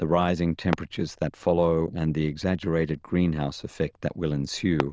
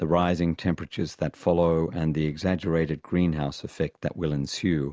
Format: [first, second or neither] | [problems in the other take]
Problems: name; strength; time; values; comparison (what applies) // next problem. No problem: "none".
second | noise reduction (neural diffusion model UNIVERSE++)